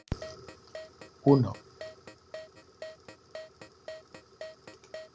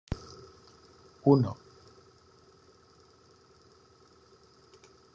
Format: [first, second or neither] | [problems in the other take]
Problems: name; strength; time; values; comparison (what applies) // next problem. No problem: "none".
second | background sound (Keyboard (musical)); 13 dB below the speech